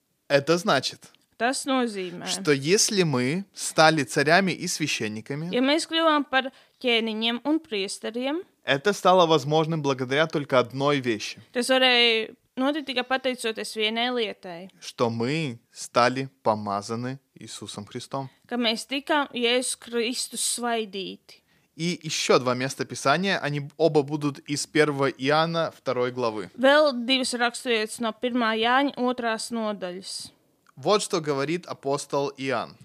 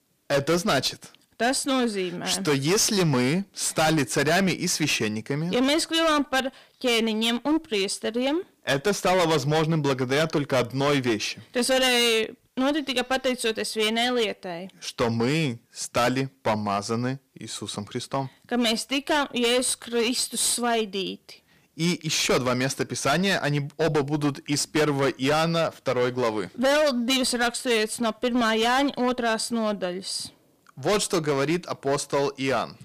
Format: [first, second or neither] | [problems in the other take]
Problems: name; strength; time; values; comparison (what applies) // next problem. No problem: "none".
first | distortion; heavy; 14% of the sound clipped